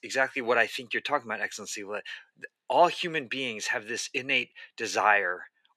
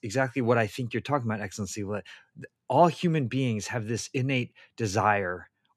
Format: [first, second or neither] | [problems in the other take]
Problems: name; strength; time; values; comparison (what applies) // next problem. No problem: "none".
second | thin; somewhat; fading below 450 Hz